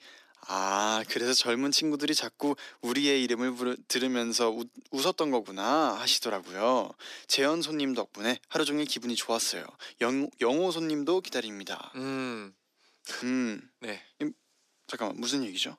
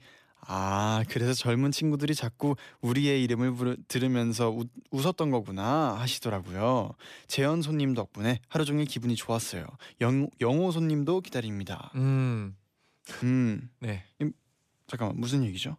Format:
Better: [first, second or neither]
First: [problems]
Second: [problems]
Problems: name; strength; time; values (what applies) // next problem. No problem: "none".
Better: second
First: thin; very slightly; fading below 250 Hz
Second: none